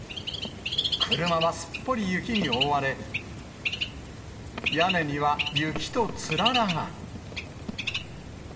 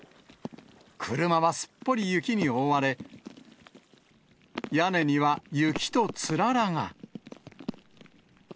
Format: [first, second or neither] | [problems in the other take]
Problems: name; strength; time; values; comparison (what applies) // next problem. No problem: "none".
second | background sound (Bird); 3 dB below the speech // room echo; dies away in 2.9 s